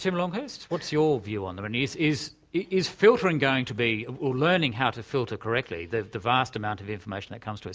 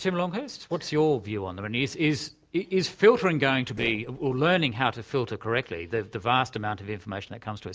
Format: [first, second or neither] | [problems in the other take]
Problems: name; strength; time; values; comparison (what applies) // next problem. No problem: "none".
first | noise reduction (neural separator model SepFormer DNS4)